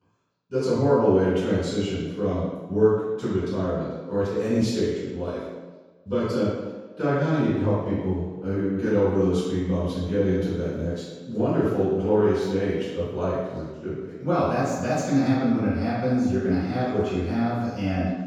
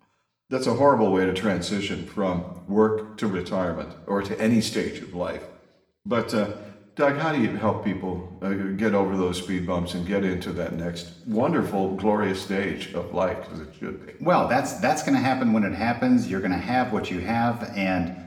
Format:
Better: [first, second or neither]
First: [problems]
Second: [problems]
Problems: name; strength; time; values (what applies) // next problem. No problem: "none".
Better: second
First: room echo; strong; dies away in 1.2 s // off-mic speech; far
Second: room echo; slight; dies away in 0.7 s // off-mic speech; somewhat distant